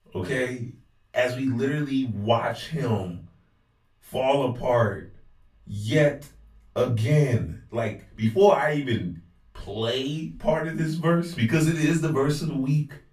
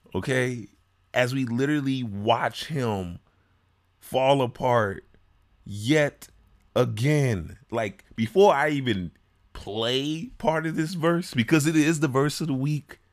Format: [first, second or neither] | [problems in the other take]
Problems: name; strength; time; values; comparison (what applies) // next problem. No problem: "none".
second | off-mic speech; far // room echo; very slight; dies away in 0.3 s